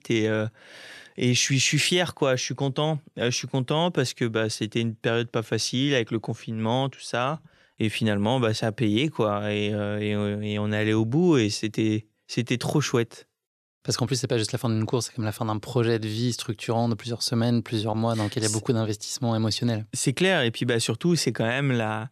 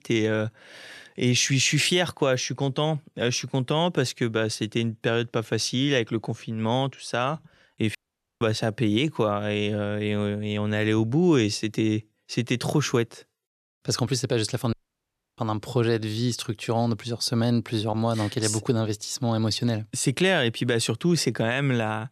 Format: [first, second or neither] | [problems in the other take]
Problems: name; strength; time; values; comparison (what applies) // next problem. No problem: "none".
first | audio cutting out; at 8 s and at 15 s for 0.5 s